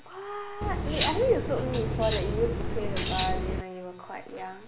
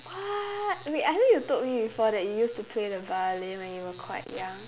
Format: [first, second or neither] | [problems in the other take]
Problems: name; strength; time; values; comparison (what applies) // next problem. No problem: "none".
second | background sound (Cutlery, silverware); 2 dB above the speech // room echo; dies away in 0.8 s